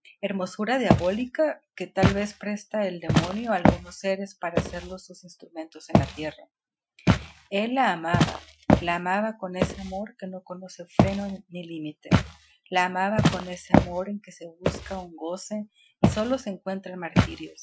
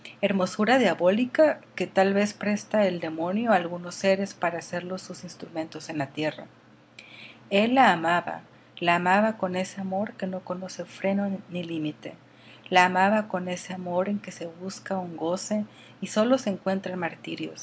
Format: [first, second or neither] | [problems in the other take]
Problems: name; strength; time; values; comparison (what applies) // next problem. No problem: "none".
second | noise reduction (classical method Wiener filter)